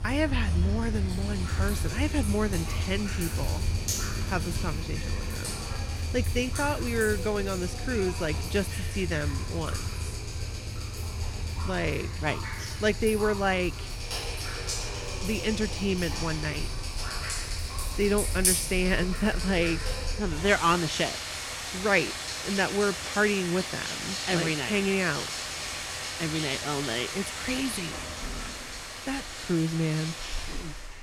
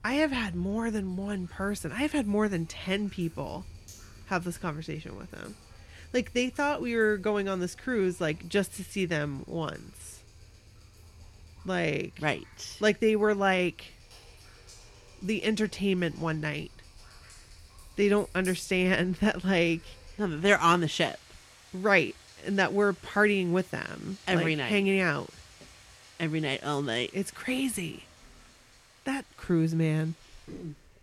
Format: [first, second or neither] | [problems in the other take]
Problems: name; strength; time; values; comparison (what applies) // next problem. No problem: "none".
second | rain or running water; loud; throughout; 3 dB below the speech; faint in the second